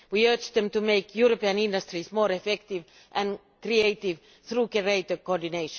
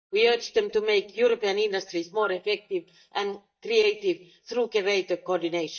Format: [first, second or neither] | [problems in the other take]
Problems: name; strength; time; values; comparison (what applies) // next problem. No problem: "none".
first | noise reduction (neural mask model DeepFilterNet 3)